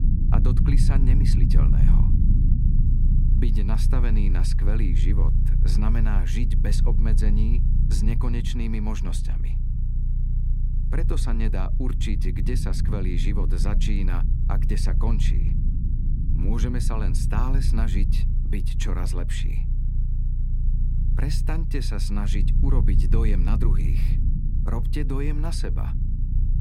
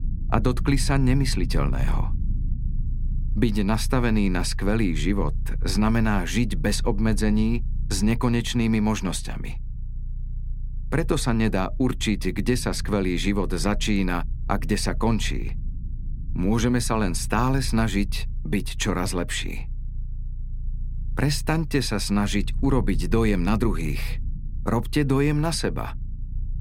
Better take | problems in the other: second | low rumble; loud; throughout; 4 dB below the speech; faint in the second

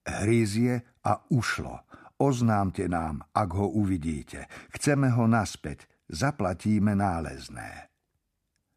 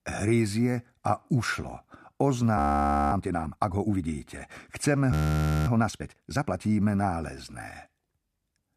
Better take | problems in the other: first | audio freezing; at 2.5 s for 0.5 s and at 5 s for 0.5 s

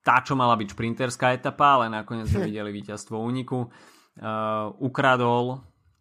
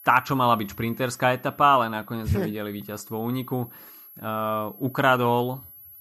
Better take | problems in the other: first | high-pitched whine; noticeable; throughout; 11.5 kHz, 20 dB below the speech

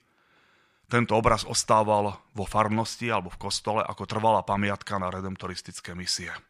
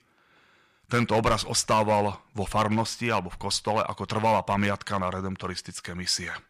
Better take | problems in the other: first | distortion; slight; 4% of the sound clipped

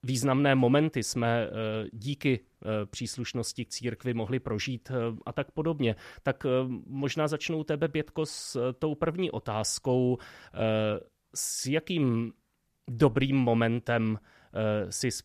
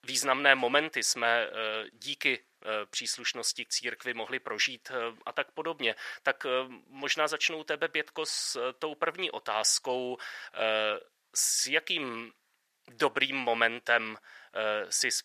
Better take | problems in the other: first | thin; very; fading below 700 Hz

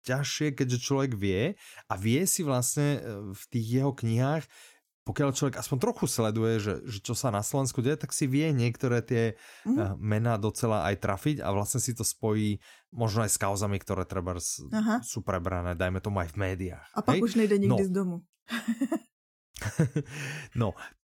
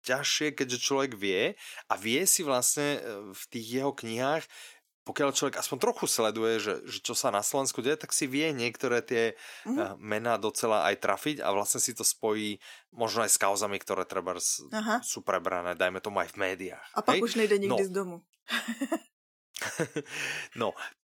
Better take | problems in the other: first | thin; somewhat; fading below 400 Hz

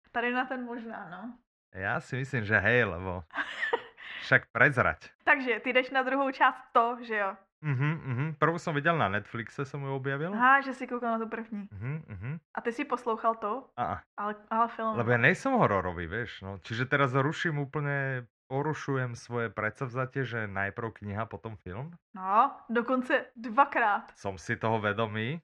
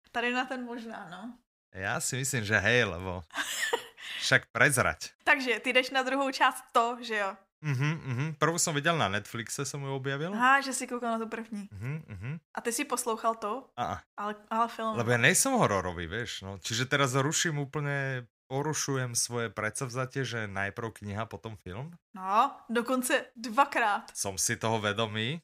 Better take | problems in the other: second | muffled; very; fading above 2 kHz

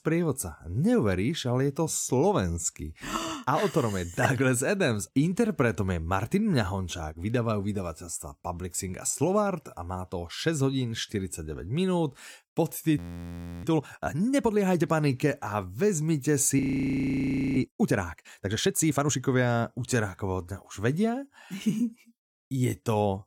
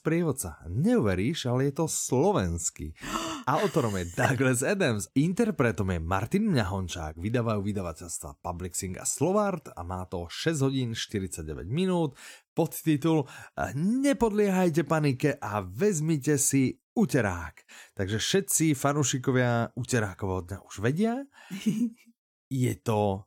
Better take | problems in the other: second | audio freezing; at 13 s for 0.5 s and at 17 s for 1 s

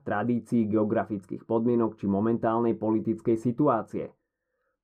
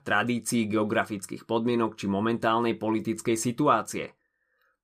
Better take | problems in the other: second | muffled; very; fading above 1.5 kHz

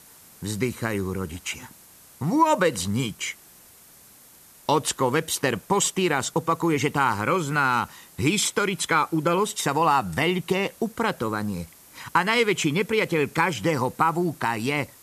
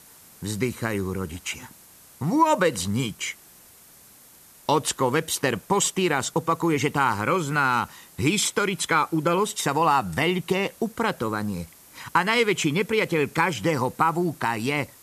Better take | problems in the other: neither | hiss; faint; throughout; 25 dB below the speech; the same in both

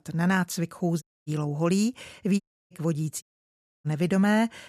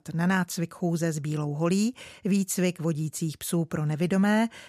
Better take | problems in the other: second | audio cutting out; at 1 s, at 2.5 s and at 3 s for 0.5 s

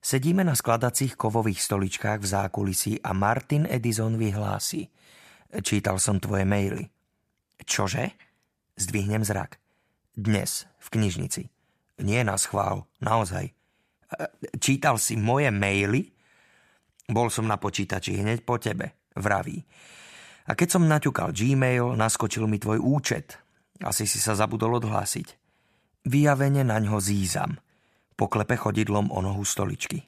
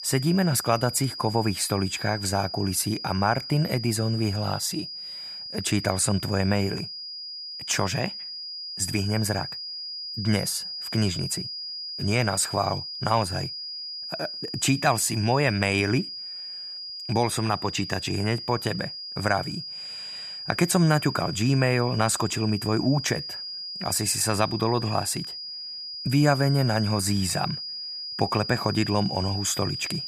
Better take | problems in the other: first | high-pitched whine; loud; throughout; 5 kHz, 7 dB below the speech

